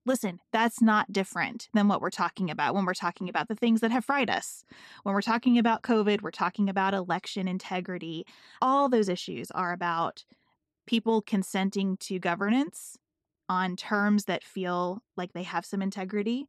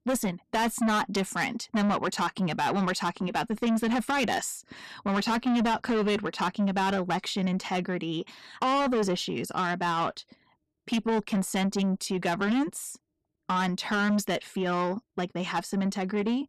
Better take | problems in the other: first | distortion; heavy; 8 dB below the speech

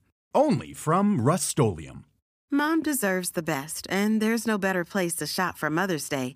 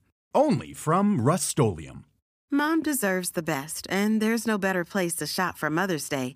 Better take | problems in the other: neither | none

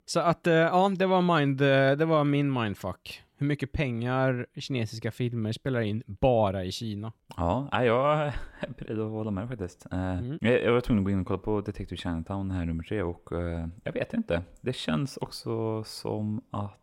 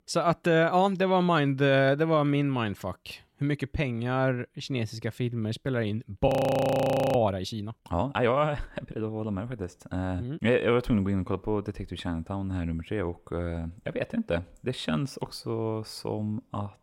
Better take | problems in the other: first | audio freezing; at 6.5 s for 1 s

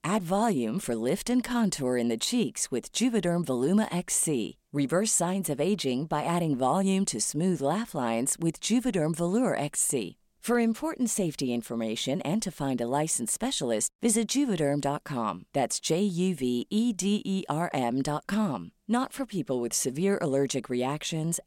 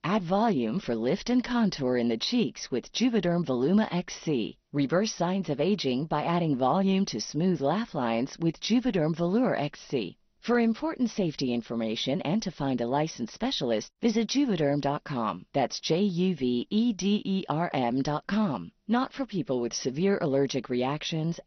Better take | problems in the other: first | garbled, watery; slightly; nothing above 6 kHz

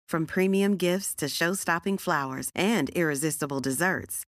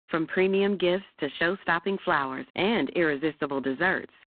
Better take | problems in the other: first | phone-call audio; poor line

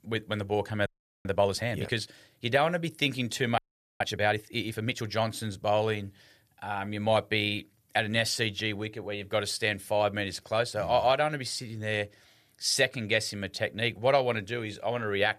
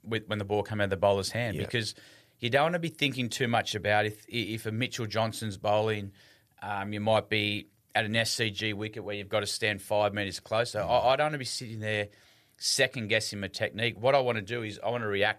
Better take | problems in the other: second | audio freezing; at 1 s and at 3.5 s

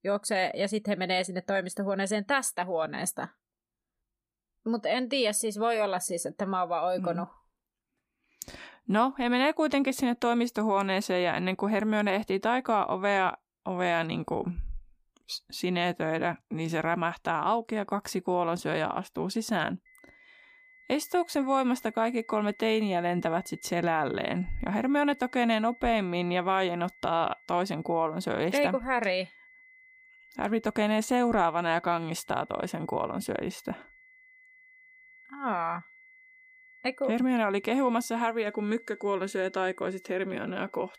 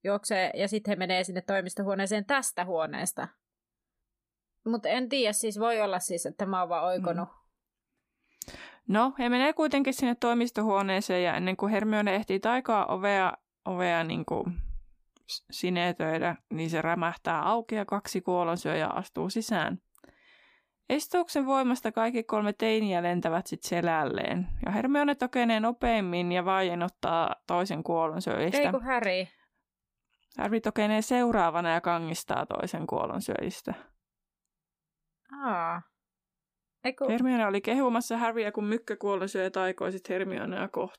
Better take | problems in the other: second | high-pitched whine; faint; from 20 s on; 2 kHz, 25 dB below the speech

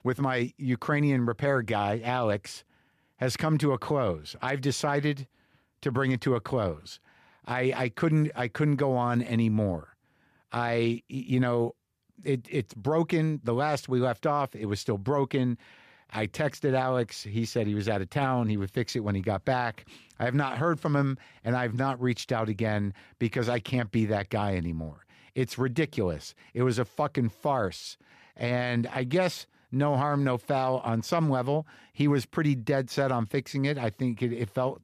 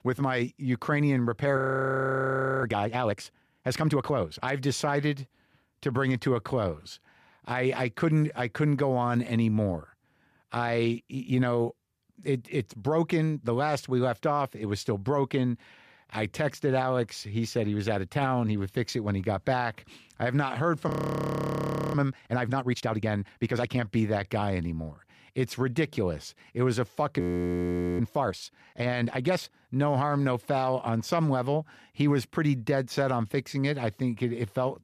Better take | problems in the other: first | audio freezing; at 1.5 s for 1 s, at 21 s for 1 s and at 27 s for 1 s

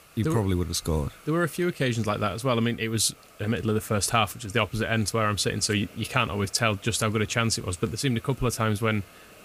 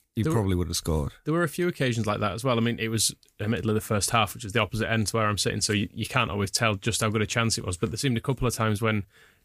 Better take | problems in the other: second | hiss; faint; throughout; 25 dB below the speech

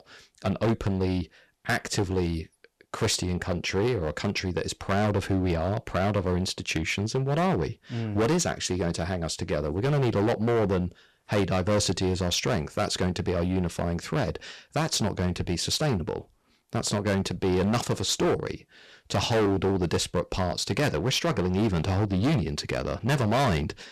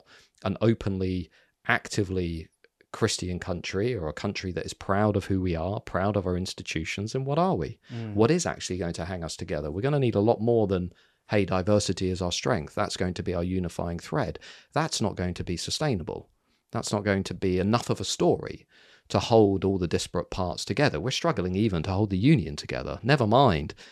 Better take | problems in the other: second | distortion; heavy; 12% of the sound clipped

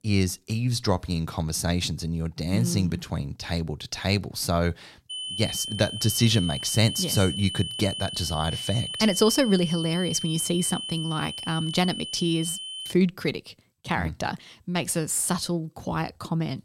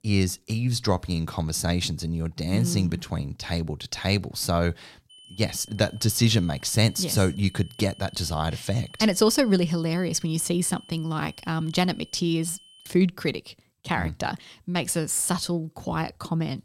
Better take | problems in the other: second | high-pitched whine; loud; from 5 to 13 s; 3 kHz, 6 dB below the speech; faint in the second

